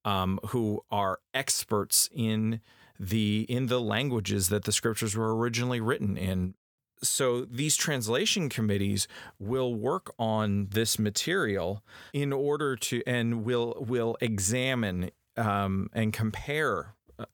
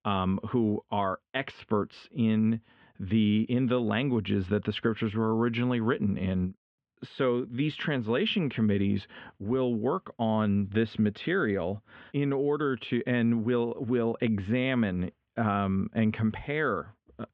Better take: first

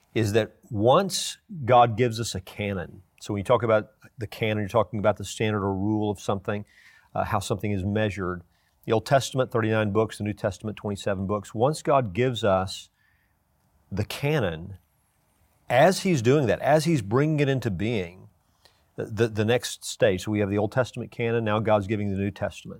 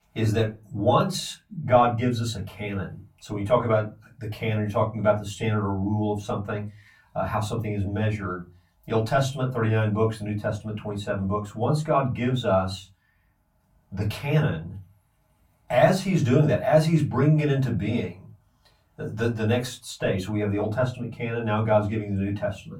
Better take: first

